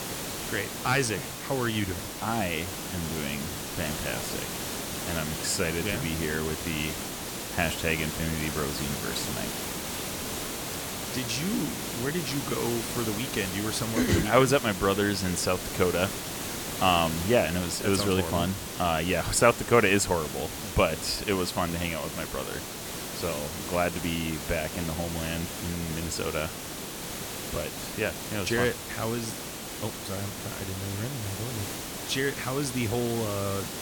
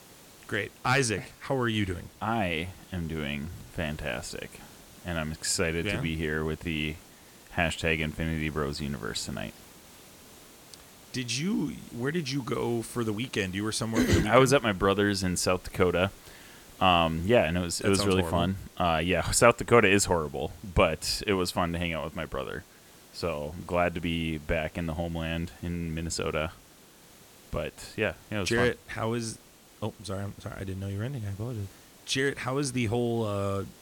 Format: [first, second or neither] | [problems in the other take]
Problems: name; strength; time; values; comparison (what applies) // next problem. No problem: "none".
second | hiss; loud; throughout; 5 dB below the speech; faint in the second